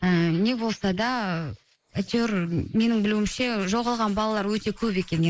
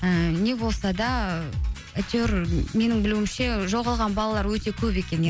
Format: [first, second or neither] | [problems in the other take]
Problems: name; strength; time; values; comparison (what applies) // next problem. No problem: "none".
second | noise reduction (neural mask model Resemble Enhance denoiser)